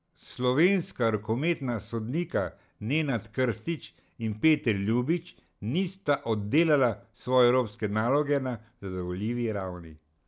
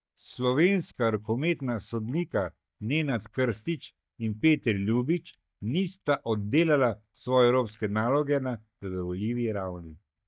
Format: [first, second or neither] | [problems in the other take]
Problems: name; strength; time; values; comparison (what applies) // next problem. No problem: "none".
first | noise reduction (neural mask model DeepFilterNet 3)